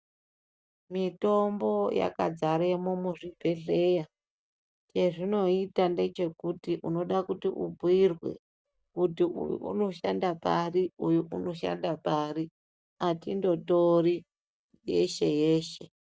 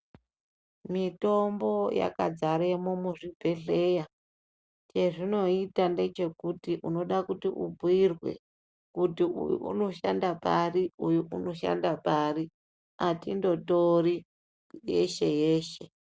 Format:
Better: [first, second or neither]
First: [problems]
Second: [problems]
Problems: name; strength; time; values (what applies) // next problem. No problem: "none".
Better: second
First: noise reduction (neural mask model DeepFilterNet 3)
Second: none